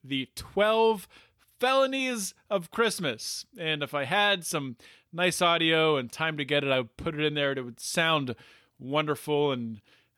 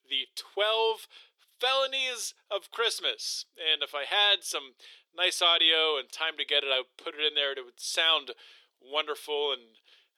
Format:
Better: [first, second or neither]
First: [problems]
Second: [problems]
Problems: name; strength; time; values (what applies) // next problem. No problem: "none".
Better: first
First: none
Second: thin; very; fading below 400 Hz